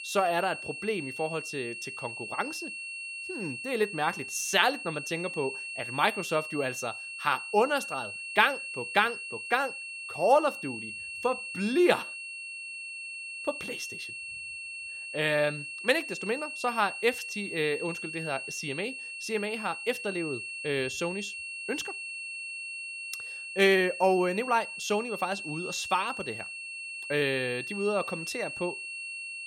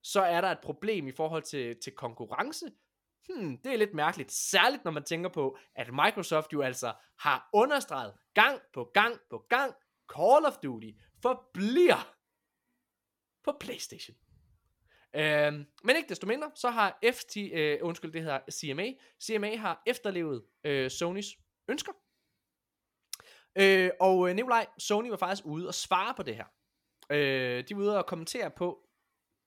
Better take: second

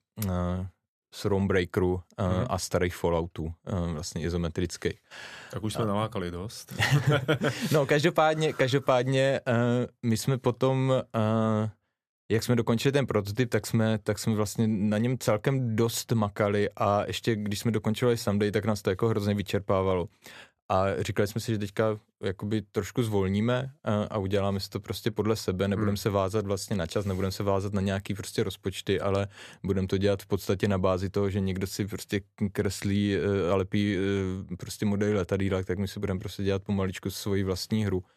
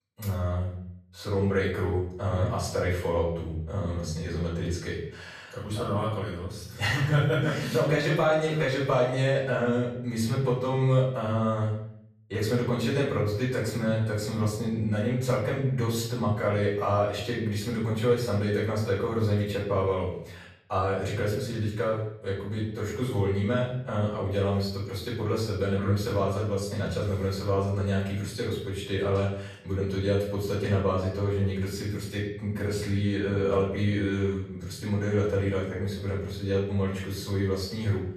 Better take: first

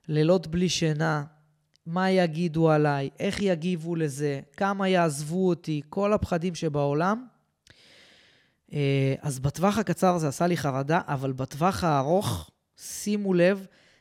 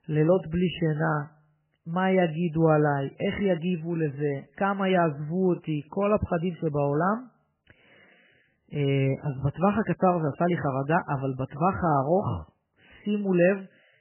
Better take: first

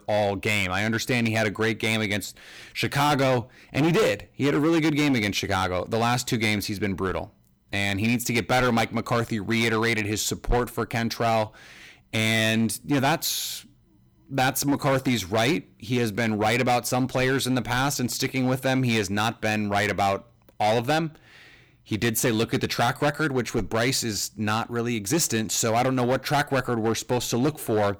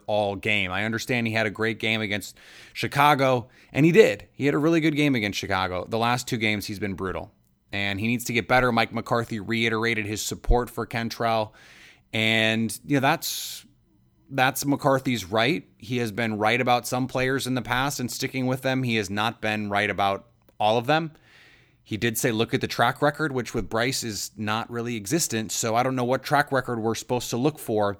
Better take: second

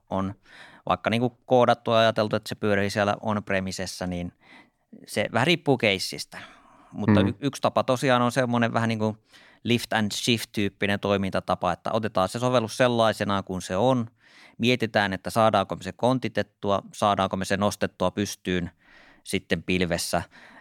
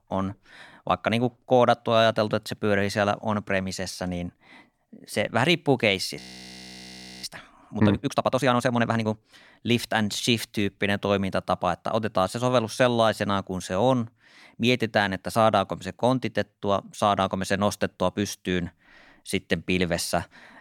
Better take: first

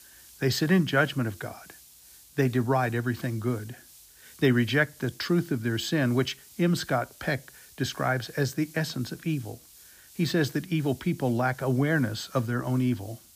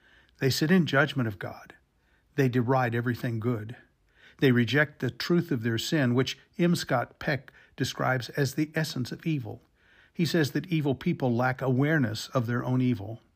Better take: second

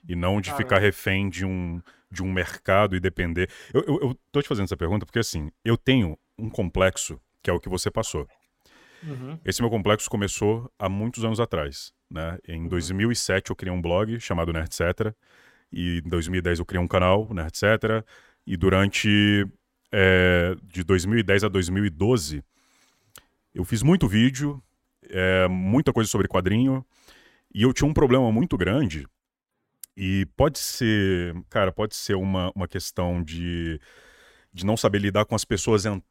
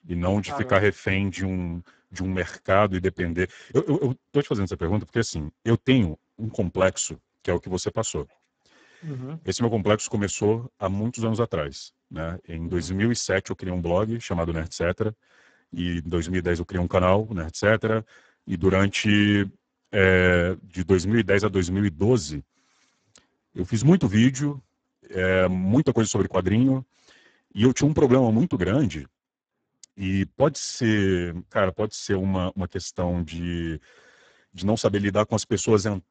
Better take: first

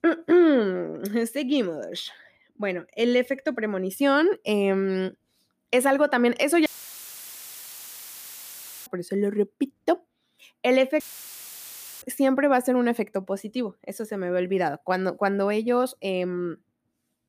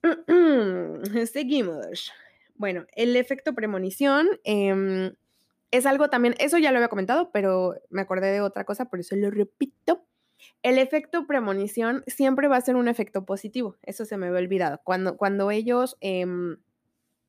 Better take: second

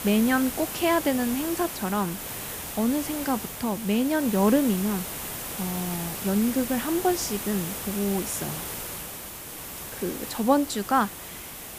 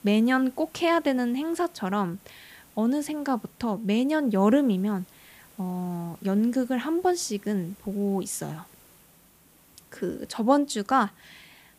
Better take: second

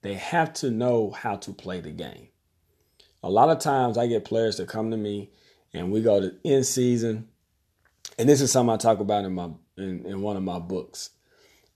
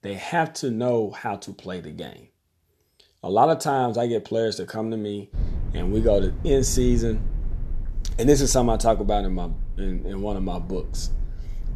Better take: first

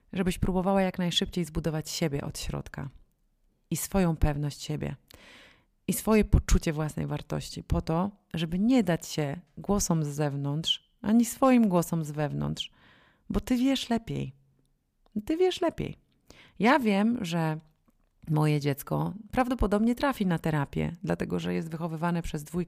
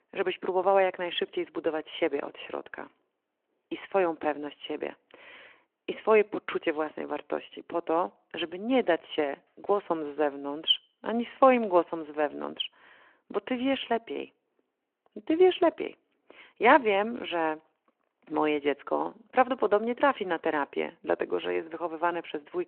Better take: first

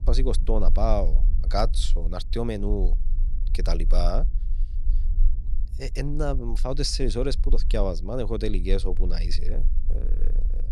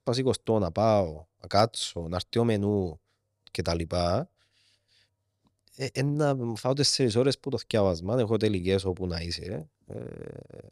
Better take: second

